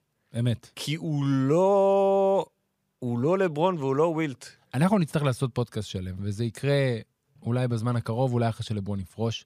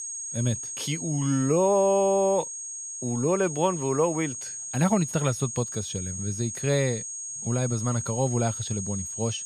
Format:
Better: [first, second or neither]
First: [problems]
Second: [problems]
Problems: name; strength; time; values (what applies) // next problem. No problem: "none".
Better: first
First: none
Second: high-pitched whine; loud; throughout; 6.5 kHz, 6 dB below the speech